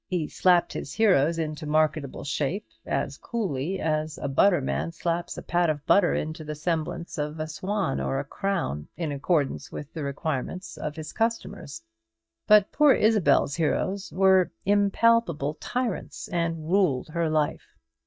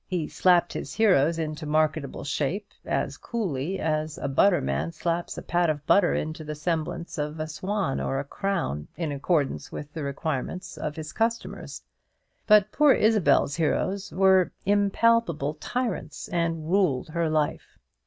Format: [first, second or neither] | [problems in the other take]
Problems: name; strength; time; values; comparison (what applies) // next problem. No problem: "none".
second | noise reduction (neural mask model DeepFilterNet 3)